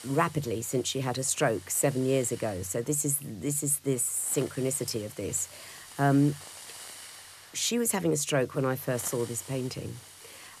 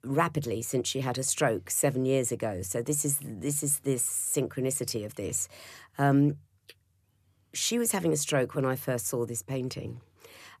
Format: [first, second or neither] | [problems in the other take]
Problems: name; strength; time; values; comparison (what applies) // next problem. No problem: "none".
second | hiss; noticeable; throughout; 20 dB below the speech